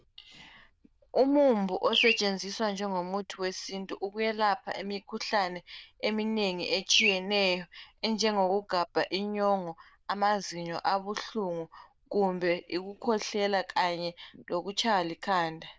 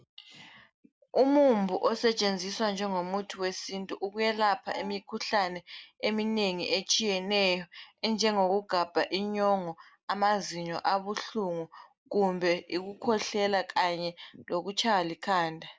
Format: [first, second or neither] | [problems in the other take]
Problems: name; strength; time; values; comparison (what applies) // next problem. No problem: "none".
second | noise reduction (neural diffusion model UNIVERSE++)